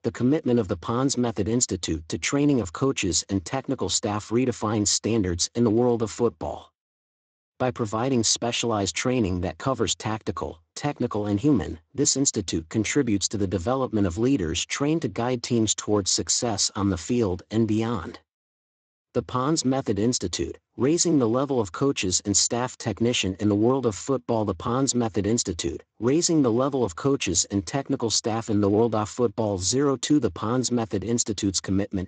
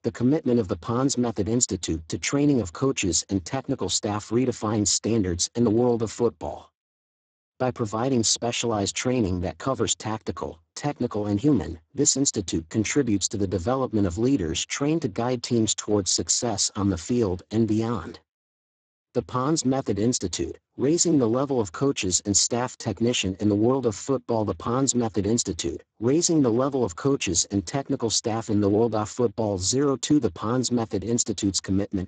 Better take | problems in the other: first | garbled, watery; badly; nothing above 7.5 kHz; slightly in the first

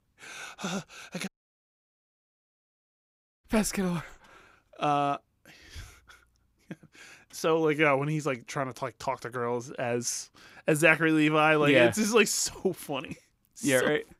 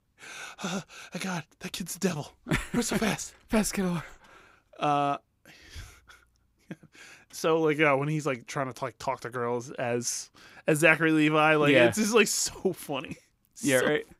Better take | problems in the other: second | audio cutting out; at 1.5 s for 2 s

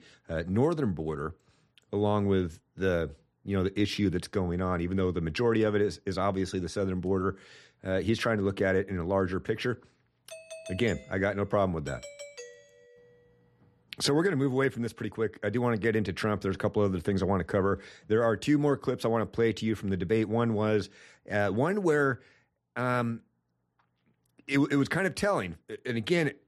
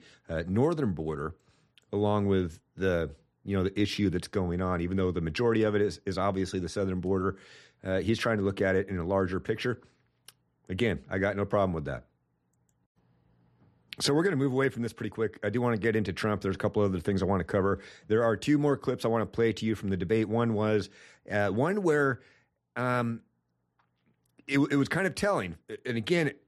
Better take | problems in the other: second | doorbell; faint; from 10 to 13 s; peak 15 dB below the speech

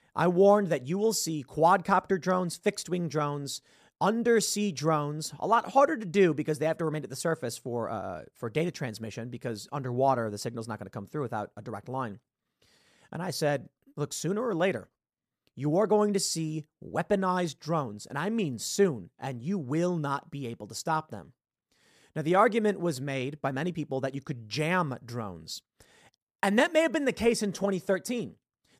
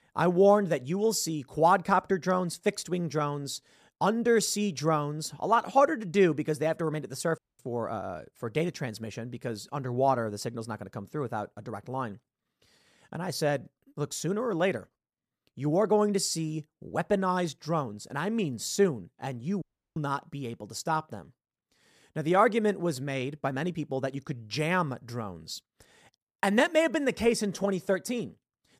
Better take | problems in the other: first | audio cutting out; at 7.5 s and at 20 s

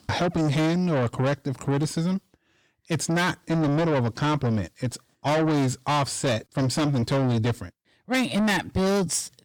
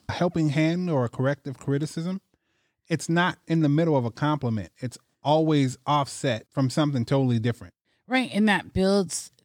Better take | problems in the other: second | distortion; heavy; 7 dB below the speech

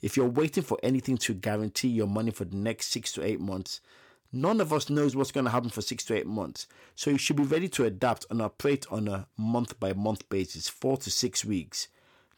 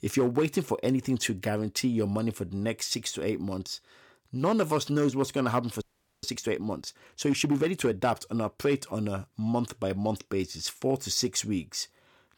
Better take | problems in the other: first | audio freezing; at 6 s

